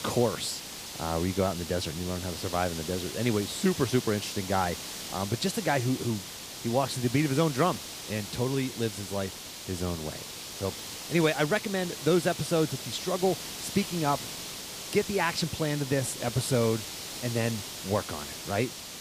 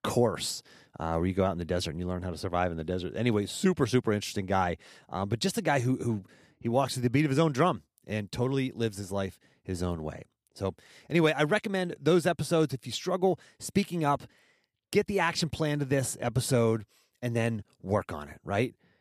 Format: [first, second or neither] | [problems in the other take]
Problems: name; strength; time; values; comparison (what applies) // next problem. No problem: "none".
second | hiss; loud; throughout; 7 dB below the speech